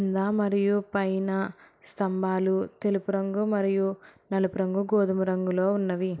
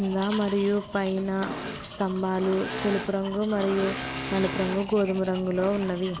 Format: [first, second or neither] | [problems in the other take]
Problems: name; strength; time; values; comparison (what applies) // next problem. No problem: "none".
first | background sound (Domestic sounds, home sounds + Engine / Mechanisms); 9 dB below the speech